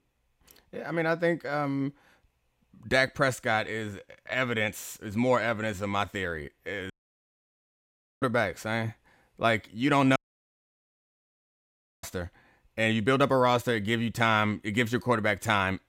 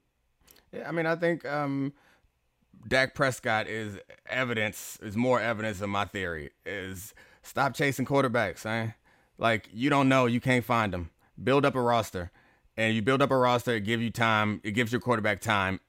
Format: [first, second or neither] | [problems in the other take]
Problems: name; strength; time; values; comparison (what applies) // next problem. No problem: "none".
second | audio cutting out; at 7 s for 1.5 s and at 10 s for 2 s